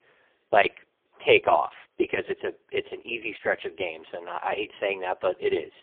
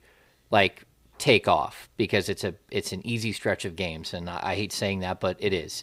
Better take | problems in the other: second | phone-call audio; poor line

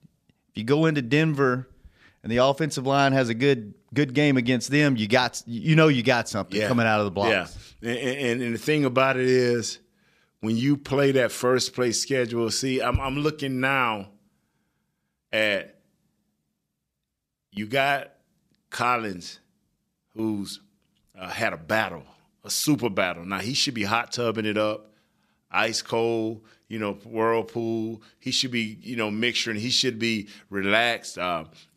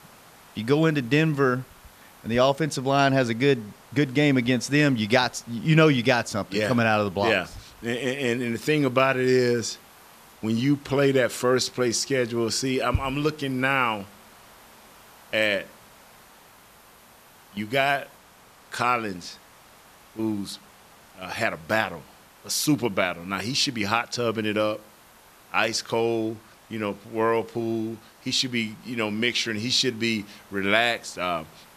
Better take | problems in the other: first | hiss; faint; throughout; 25 dB below the speech

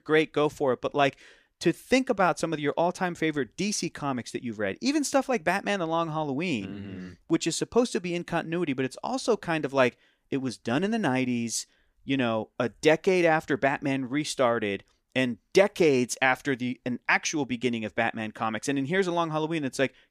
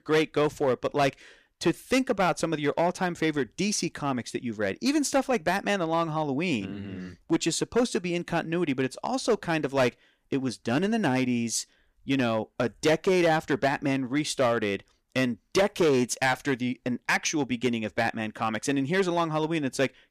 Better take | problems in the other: first | distortion; slight; 4% of the sound clipped

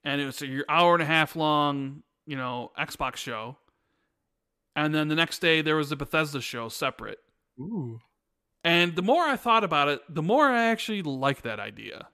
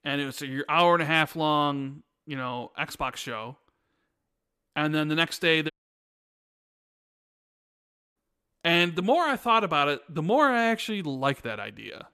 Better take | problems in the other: first | audio cutting out; at 5.5 s for 2.5 s

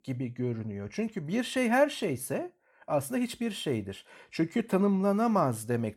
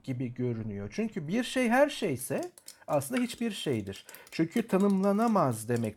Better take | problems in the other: first | rain or running water; faint; throughout; 20 dB below the speech

